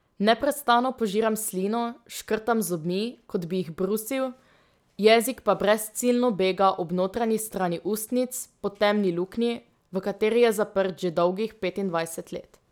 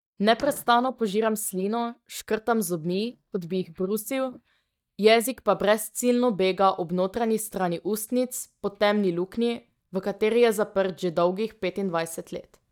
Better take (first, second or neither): first